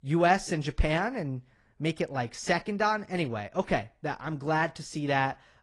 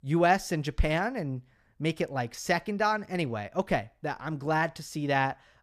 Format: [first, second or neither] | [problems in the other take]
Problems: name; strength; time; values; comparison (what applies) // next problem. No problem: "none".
second | garbled, watery; slightly; nothing above 10 kHz